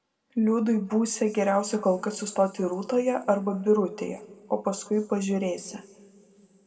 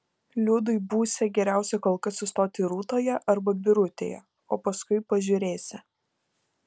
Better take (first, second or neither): second